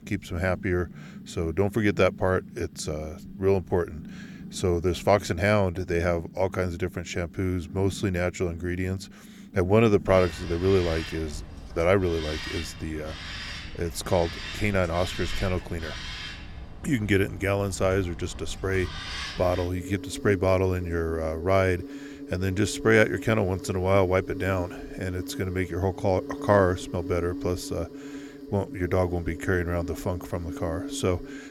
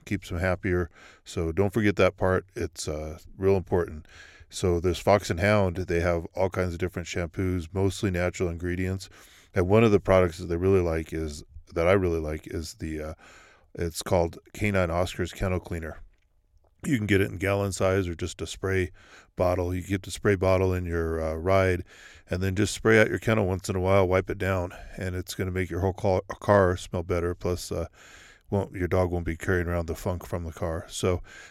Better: second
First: animal sounds; noticeable; throughout; 10 dB below the speech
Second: none

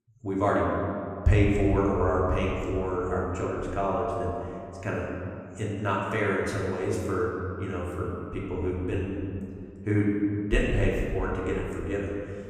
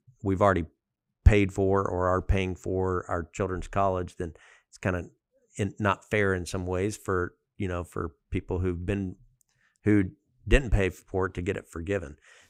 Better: second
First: room echo; noticeable; dies away in 2.2 s // off-mic speech; far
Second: none

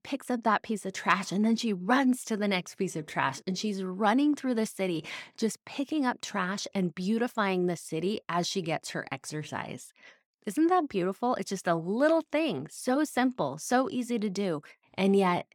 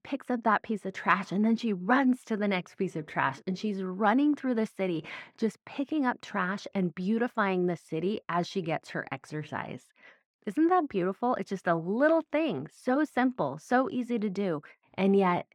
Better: first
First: none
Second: muffled; slightly; fading above 4 kHz

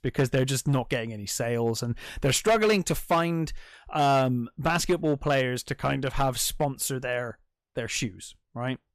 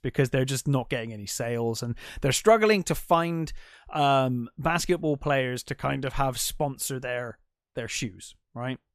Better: second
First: distortion; slight; 4% of the sound clipped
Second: none

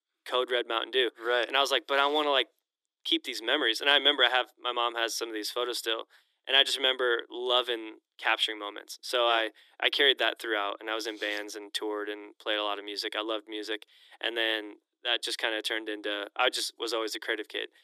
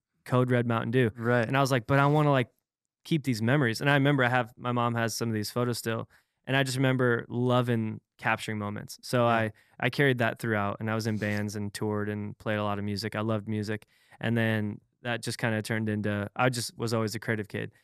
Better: second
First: thin; very; fading below 300 Hz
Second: none

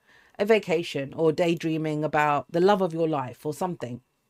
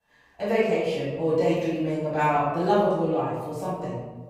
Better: first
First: none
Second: off-mic speech; far // room echo; strong; dies away in 1.2 s

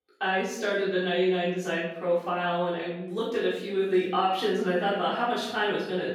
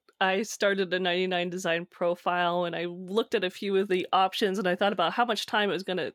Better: second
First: room echo; noticeable; dies away in 0.8 s // off-mic speech; far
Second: none

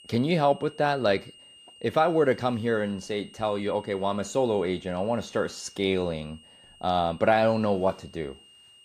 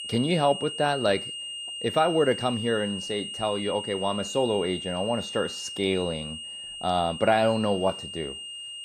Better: first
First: high-pitched whine; faint; throughout; 3 kHz, 25 dB below the speech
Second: high-pitched whine; loud; throughout; 3 kHz, 7 dB below the speech

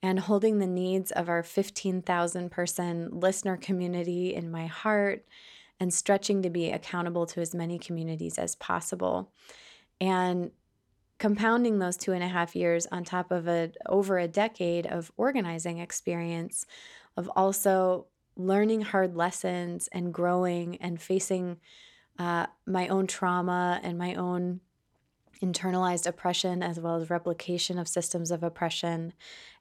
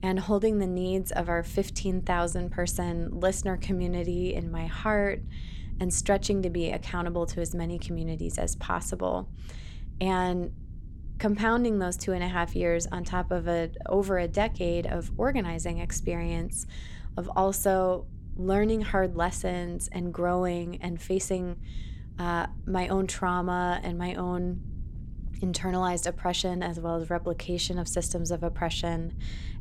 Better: first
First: none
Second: low rumble; faint; throughout; 25 dB below the speech

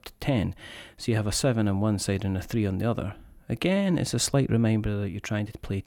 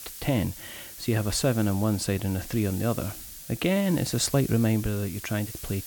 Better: first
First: none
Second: hiss; noticeable; throughout; 10 dB below the speech

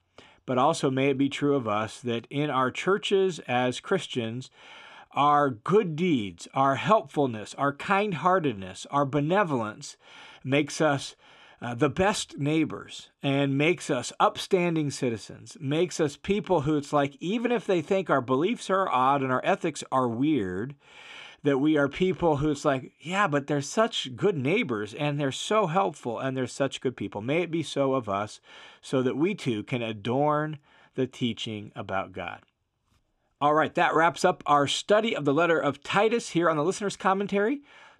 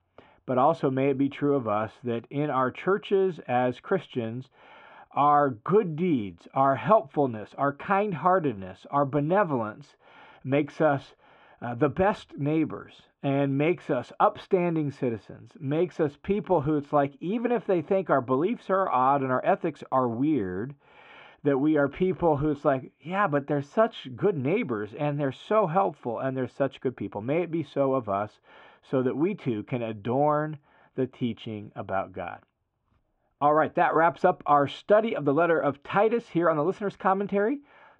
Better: first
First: none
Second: muffled; very; fading above 4 kHz

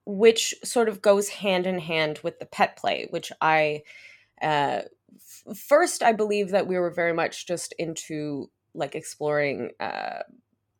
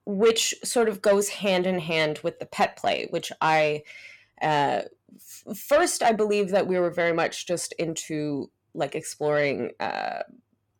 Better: first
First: none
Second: distortion; slight; 10 dB below the speech

